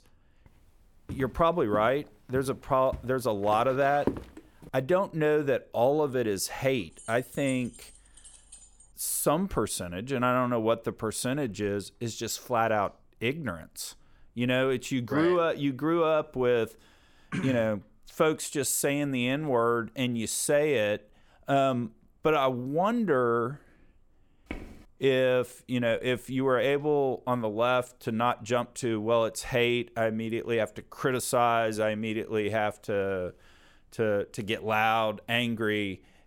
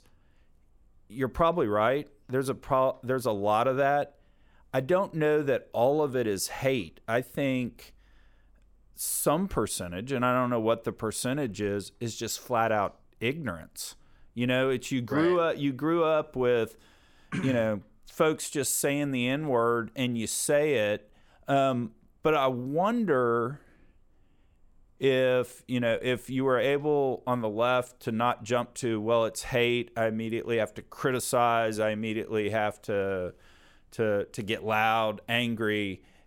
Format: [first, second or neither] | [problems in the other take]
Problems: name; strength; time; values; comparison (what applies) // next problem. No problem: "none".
second | footsteps; noticeable; from 1 to 4 s; peak 6 dB below the speech // jangling keys; faint; from 7 to 9 s; peak 20 dB below the speech // footsteps; faint; at 25 s; peak 15 dB below the speech